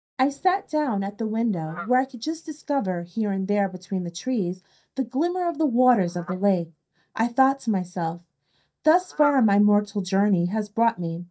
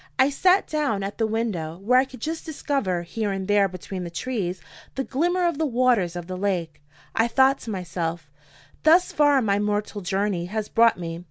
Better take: second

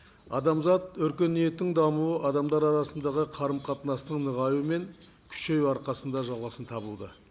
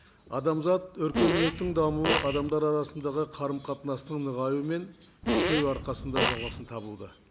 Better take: first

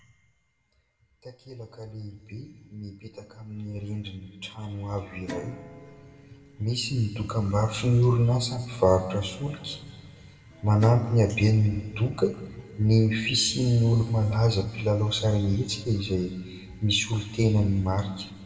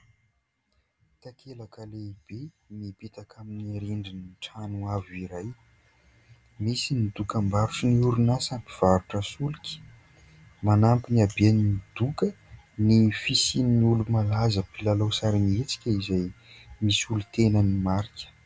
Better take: second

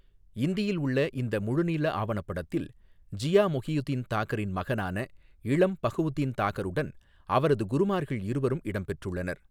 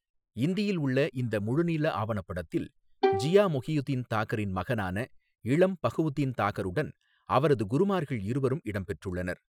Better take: first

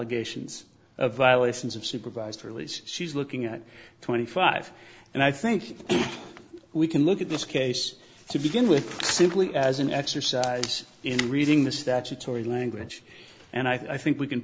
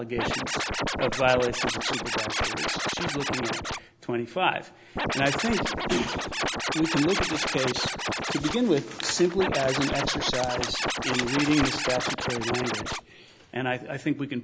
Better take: first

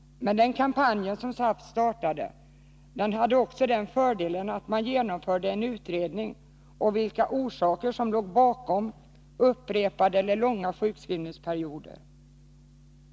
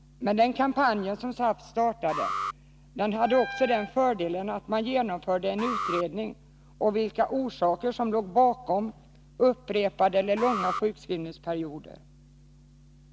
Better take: first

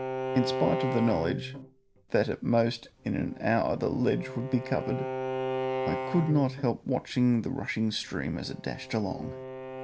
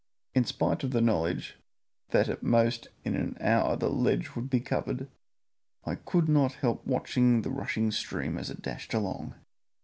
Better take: second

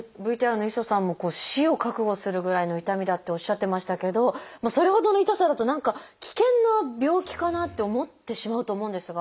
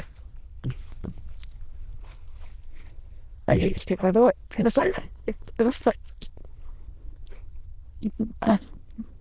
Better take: first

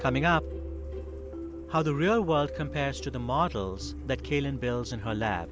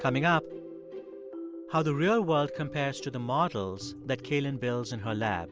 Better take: second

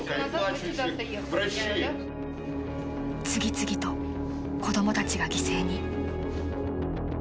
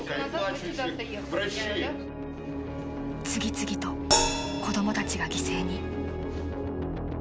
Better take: first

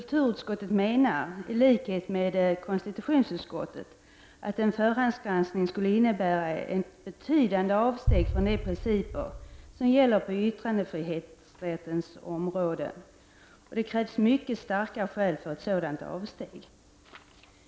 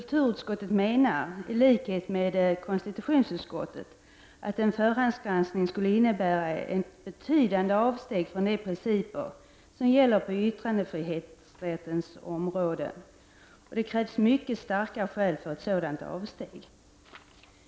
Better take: second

